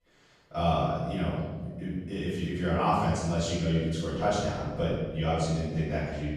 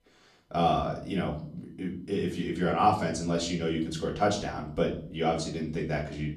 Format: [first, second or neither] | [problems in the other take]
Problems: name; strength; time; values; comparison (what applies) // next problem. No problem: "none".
second | room echo; strong; dies away in 1.8 s; slight in the second // off-mic speech; far; far in the second